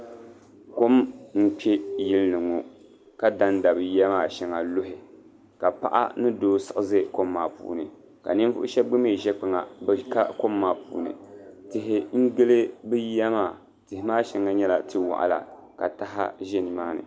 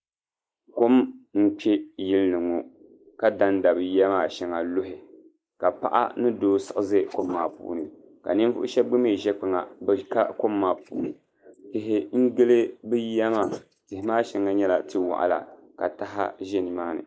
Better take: first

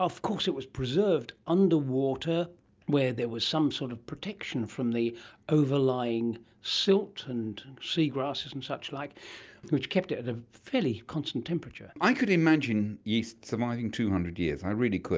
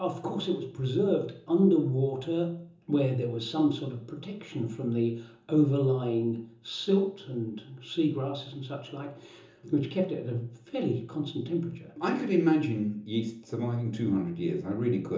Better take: first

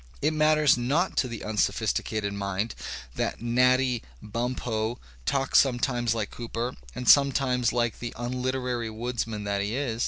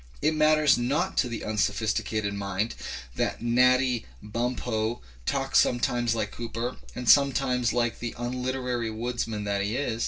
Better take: first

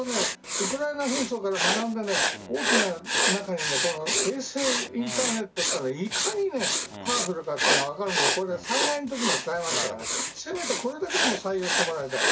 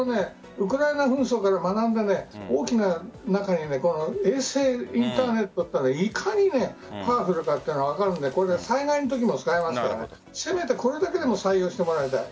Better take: second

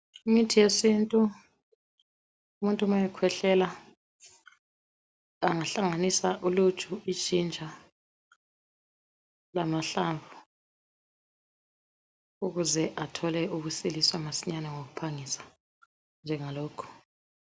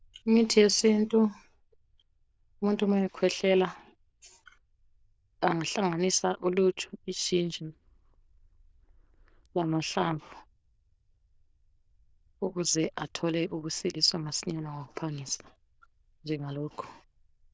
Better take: first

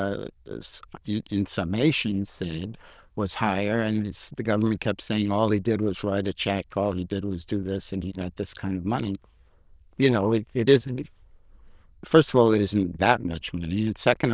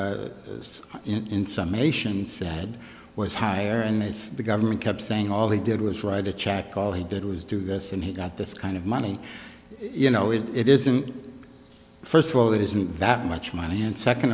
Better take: second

